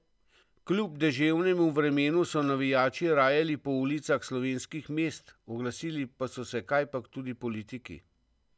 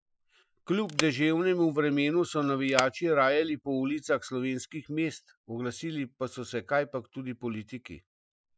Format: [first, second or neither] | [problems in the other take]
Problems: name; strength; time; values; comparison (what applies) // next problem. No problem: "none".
first | noise reduction (classical method Wiener filter)